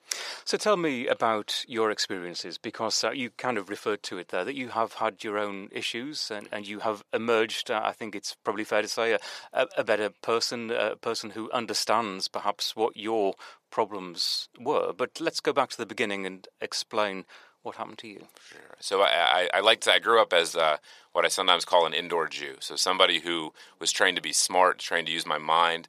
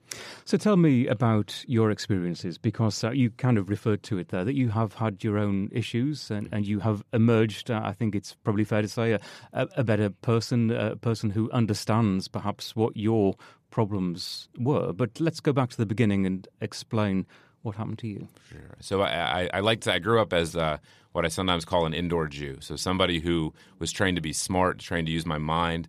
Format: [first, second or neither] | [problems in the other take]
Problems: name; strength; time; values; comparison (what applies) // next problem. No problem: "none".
second | thin; very; fading below 650 Hz